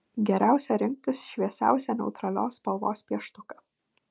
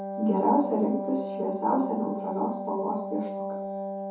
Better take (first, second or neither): first